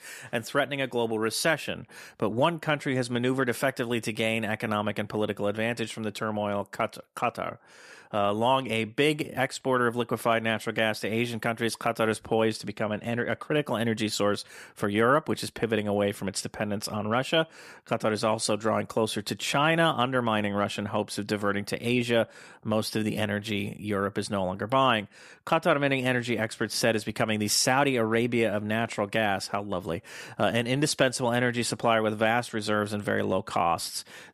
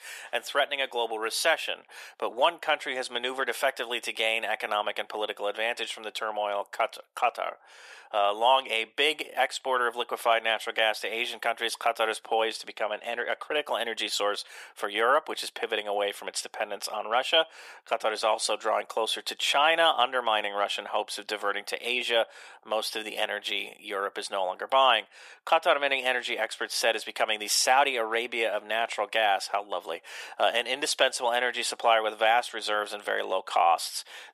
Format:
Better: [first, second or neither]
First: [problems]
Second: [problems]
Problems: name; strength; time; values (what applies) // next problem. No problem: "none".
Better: first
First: none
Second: thin; very; fading below 500 Hz